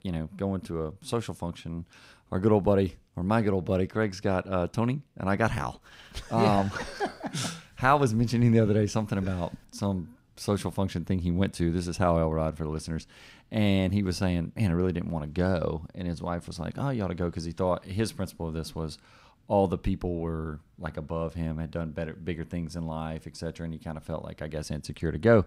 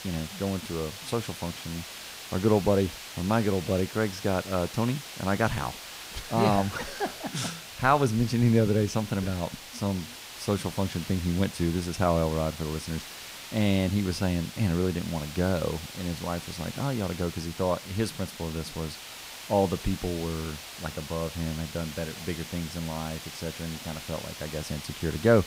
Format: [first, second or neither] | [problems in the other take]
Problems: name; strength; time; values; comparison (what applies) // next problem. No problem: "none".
first | hiss; noticeable; throughout; 10 dB below the speech